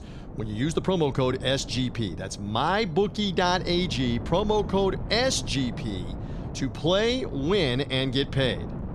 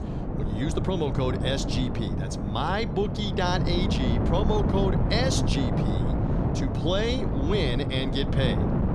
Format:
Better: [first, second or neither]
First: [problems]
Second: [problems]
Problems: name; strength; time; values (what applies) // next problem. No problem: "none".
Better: first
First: wind noise on the microphone; occasional gusts; 15 dB below the speech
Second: wind noise on the microphone; heavy; 4 dB below the speech